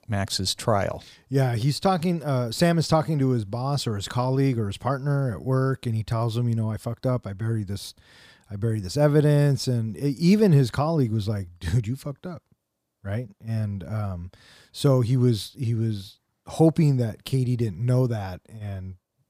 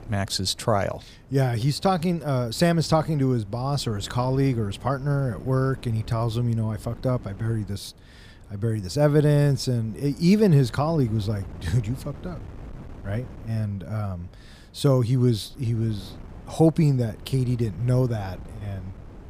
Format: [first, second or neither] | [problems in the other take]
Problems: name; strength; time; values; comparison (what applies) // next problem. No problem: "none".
first | wind noise on the microphone; occasional gusts; 25 dB below the speech